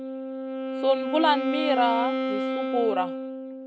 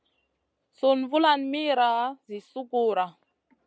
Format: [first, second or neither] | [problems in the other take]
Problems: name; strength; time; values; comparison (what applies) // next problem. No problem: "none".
second | background sound (Wind instrument, woodwind instrument); 2 dB below the speech